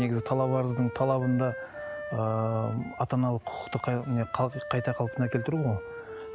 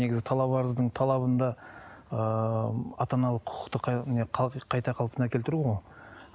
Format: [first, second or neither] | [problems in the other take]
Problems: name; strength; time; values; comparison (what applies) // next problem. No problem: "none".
second | background sound (Wind instrument, woodwind instrument); 12 dB below the speech